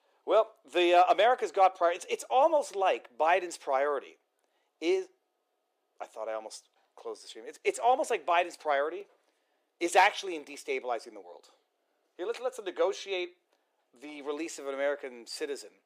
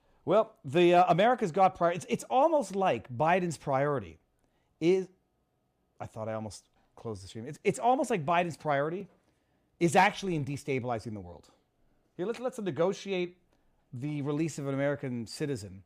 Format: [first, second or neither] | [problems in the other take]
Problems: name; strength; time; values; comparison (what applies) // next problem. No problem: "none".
second | thin; very; fading below 350 Hz